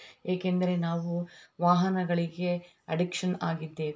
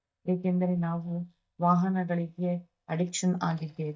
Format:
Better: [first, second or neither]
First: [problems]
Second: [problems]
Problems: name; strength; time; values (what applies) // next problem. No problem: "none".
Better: first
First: none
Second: noise reduction (neural mask model DeepFilterNet 3)